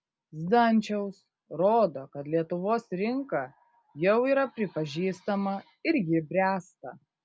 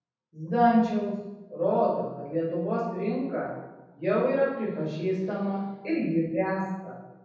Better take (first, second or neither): first